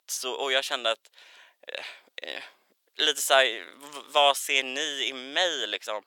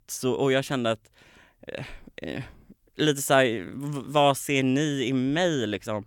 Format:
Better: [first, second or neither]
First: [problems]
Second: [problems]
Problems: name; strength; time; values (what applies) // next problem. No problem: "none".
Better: second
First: thin; very; fading below 550 Hz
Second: none